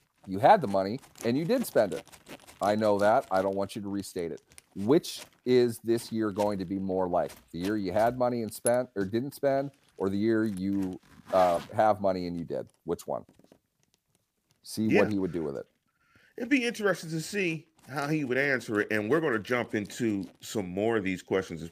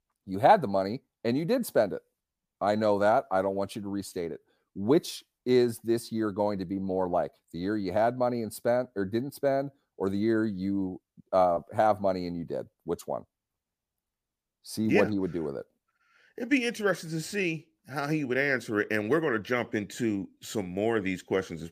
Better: second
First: household noises; noticeable; throughout; 20 dB below the speech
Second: none

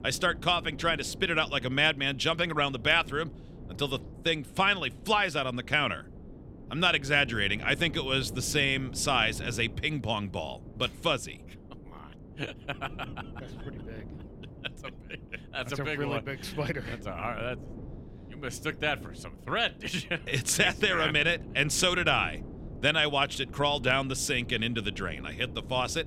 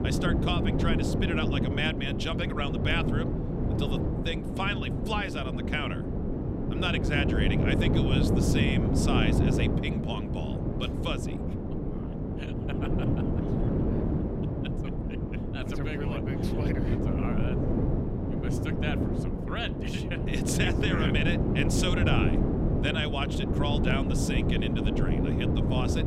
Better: first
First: wind noise on the microphone; occasional gusts; 25 dB below the speech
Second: wind noise on the microphone; heavy; 2 dB below the speech

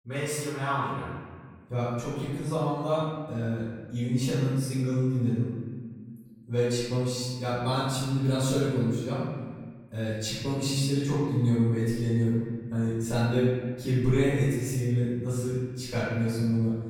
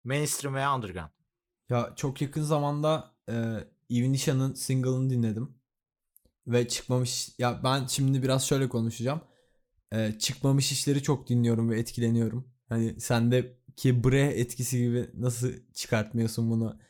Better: second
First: off-mic speech; far // room echo; strong; dies away in 1.6 s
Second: none

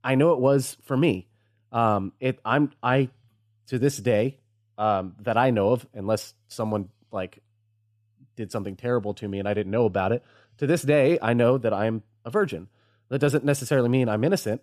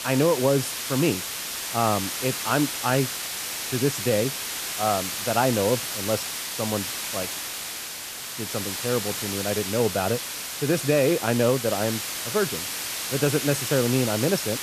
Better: first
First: none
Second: hiss; loud; throughout; 3 dB below the speech

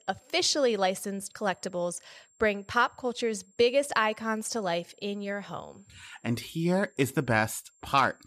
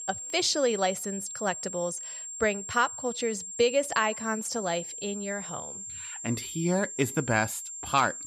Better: first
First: high-pitched whine; faint; throughout; 7.5 kHz, 35 dB below the speech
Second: high-pitched whine; loud; throughout; 7.5 kHz, 7 dB below the speech

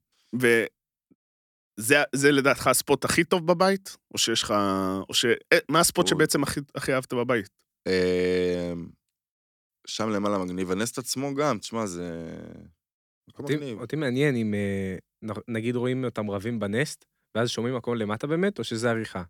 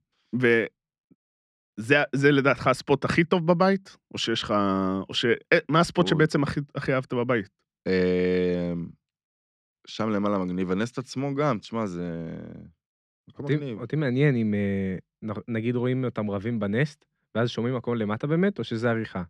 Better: first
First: none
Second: muffled; slightly; fading above 3.5 kHz

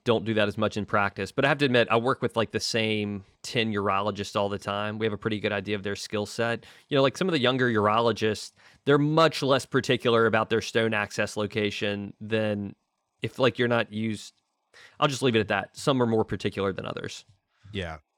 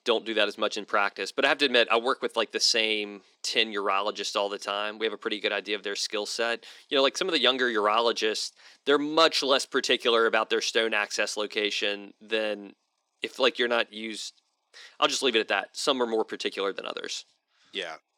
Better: first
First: none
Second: thin; somewhat; fading below 300 Hz

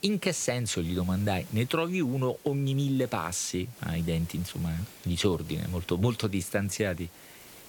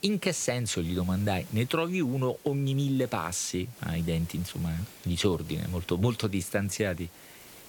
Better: neither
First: hiss; noticeable; throughout; 20 dB below the speech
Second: hiss; noticeable; throughout; 20 dB below the speech

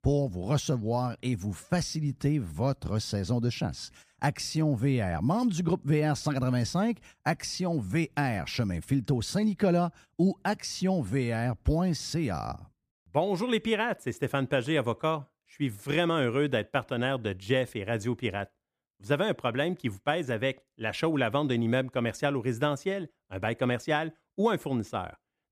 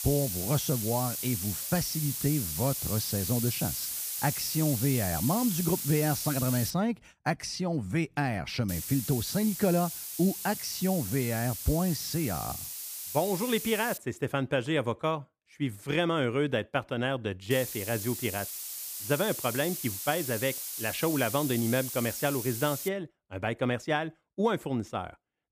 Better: first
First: none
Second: hiss; loud; until 6.5 s, from 8.5 to 14 s and from 18 to 23 s; 4 dB below the speech

